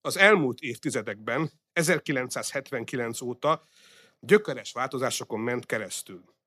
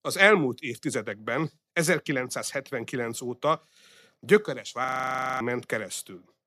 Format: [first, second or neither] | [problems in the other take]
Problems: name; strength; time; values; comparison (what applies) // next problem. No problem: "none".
first | audio freezing; at 5 s for 0.5 s